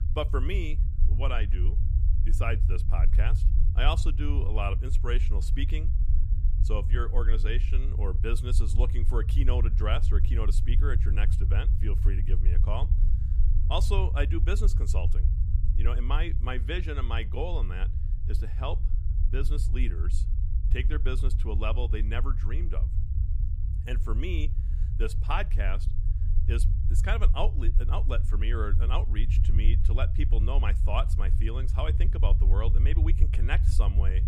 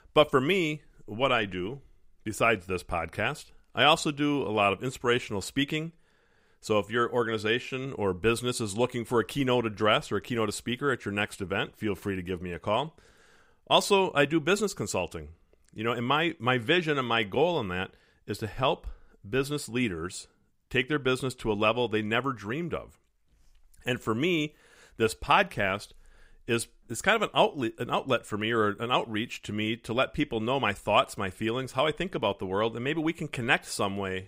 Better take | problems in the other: second | low rumble; loud; throughout; 10 dB below the speech

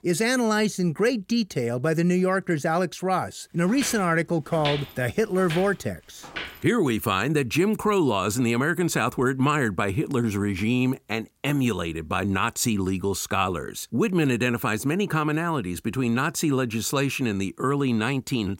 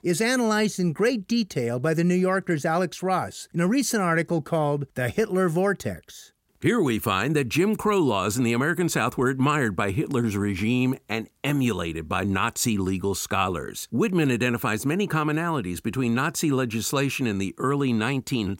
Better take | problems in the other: second | footsteps; noticeable; from 3.5 to 6.5 s; peak 6 dB below the speech

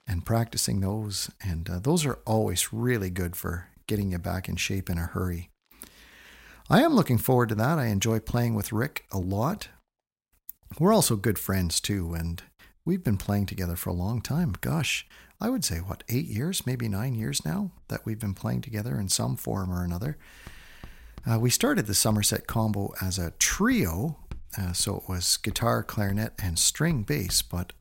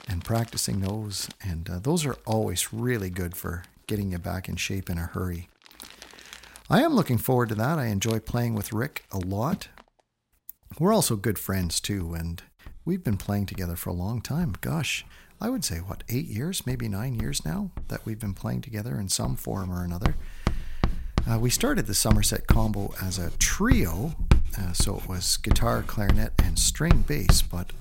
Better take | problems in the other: first | household noises; loud; throughout; 3 dB below the speech; faint in the first

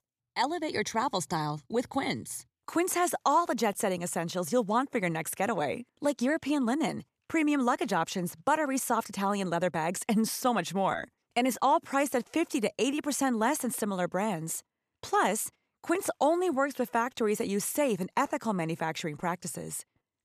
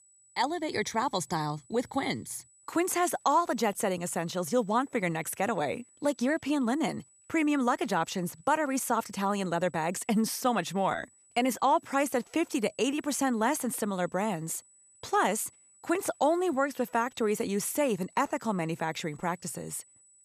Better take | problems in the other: first | high-pitched whine; faint; throughout; 8 kHz, 30 dB below the speech

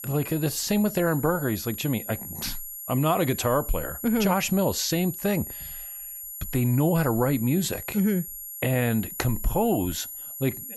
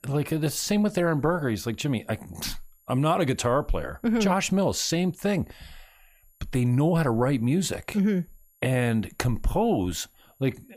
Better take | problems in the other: second | high-pitched whine; loud; throughout; 11.5 kHz, 9 dB below the speech; faint in the second

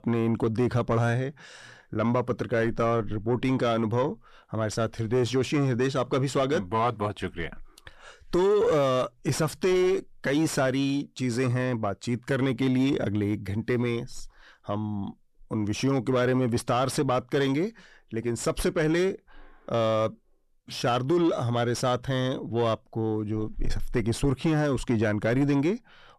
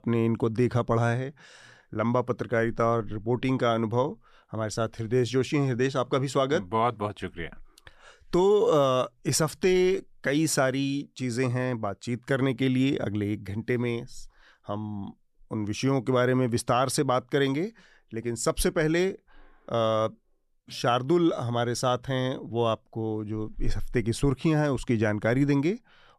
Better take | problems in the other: second | distortion; slight; 10 dB below the speech

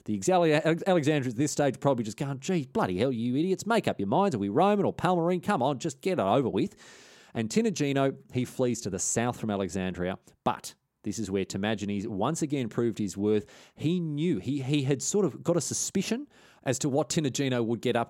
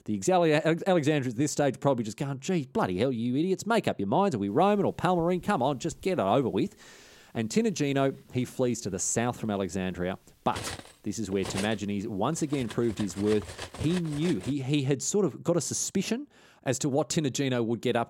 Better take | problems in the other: first | clattering dishes; noticeable; from 5 to 15 s; peak 8 dB below the speech

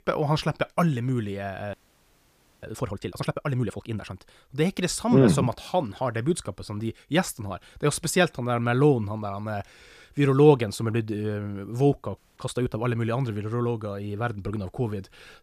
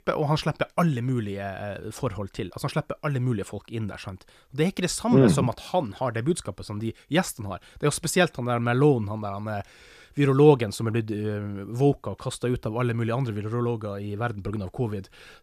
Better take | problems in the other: second | audio freezing; at 1.5 s for 1 s and at 12 s

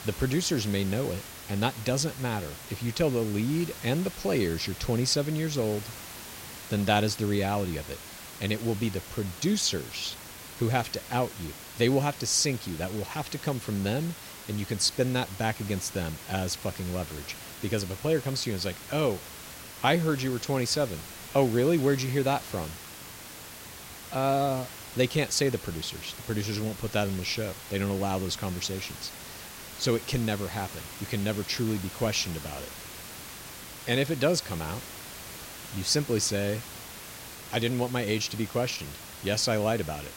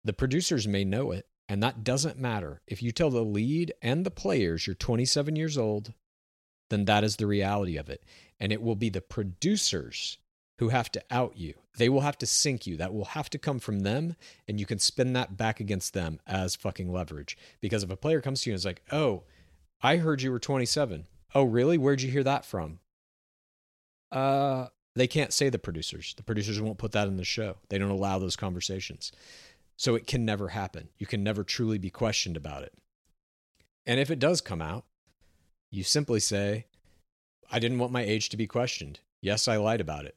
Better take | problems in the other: second | hiss; noticeable; throughout; 10 dB below the speech

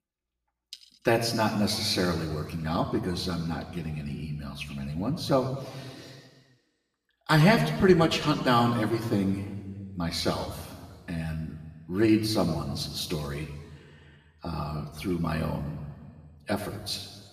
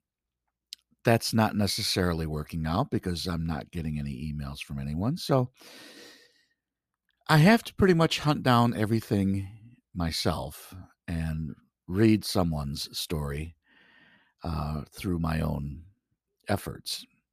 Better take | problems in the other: second | room echo; slight; dies away in 1.5 s // off-mic speech; somewhat distant

